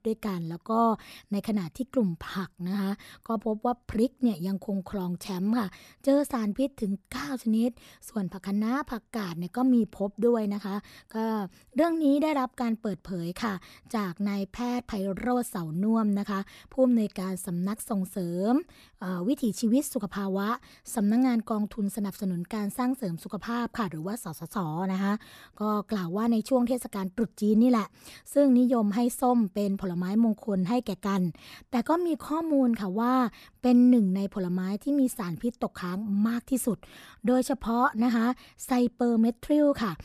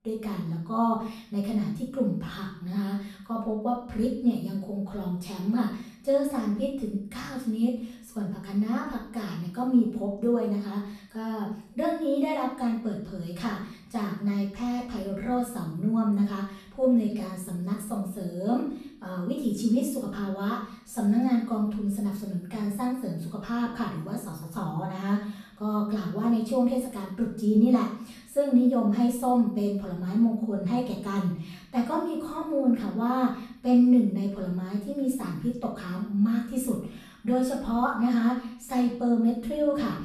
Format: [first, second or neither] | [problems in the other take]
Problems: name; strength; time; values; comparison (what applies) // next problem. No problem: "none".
first | off-mic speech; far // room echo; noticeable; dies away in 0.5 s